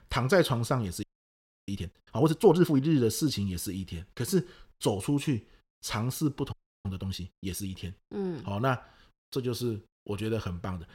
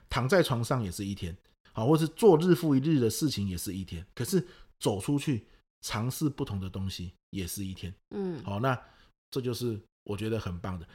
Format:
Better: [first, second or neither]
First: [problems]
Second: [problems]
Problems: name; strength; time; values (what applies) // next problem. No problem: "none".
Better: second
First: audio freezing; at 1 s for 0.5 s and at 6.5 s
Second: none